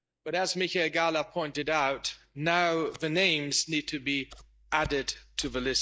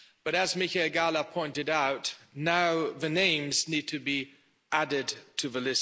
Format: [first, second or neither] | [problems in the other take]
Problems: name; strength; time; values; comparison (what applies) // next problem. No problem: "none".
second | noise reduction (neural mask model DeepFilterNet 3)